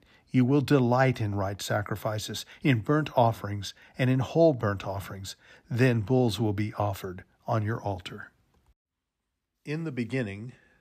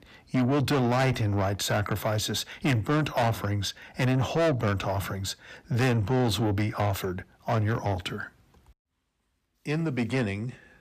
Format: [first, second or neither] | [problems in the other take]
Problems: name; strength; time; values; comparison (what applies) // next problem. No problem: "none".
first | distortion; heavy; 6 dB below the speech